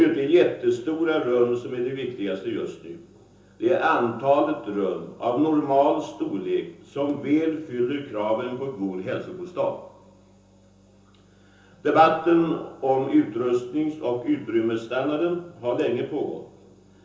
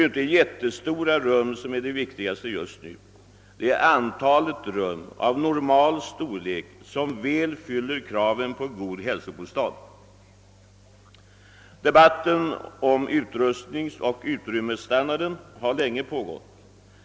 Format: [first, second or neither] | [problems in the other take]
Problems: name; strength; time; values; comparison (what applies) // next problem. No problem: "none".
second | room echo; dies away in 0.6 s